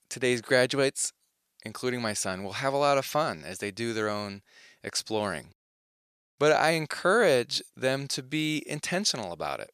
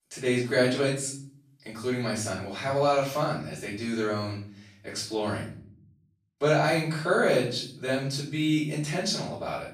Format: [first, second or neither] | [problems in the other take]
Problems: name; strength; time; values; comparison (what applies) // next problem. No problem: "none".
first | off-mic speech; far // room echo; noticeable; dies away in 0.7 s